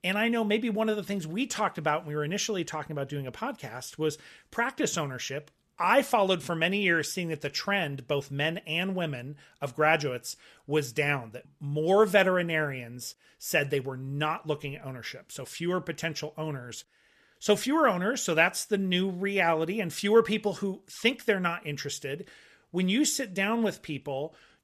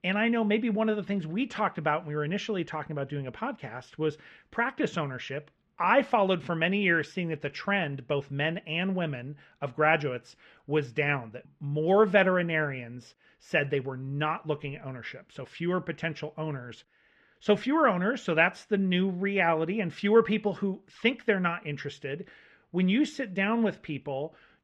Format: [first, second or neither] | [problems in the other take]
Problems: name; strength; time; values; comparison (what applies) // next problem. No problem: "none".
first | muffled; very; fading above 2.5 kHz